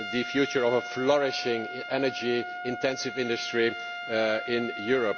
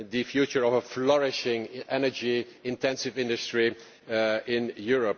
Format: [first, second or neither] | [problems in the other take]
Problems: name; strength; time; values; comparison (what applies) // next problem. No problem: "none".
second | background sound (Trumpet); 9 dB below the speech